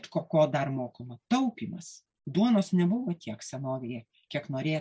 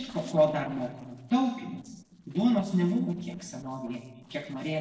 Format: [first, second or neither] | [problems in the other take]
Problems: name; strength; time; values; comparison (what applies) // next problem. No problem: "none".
first | noise reduction (neural separator model SepFormer DNS4)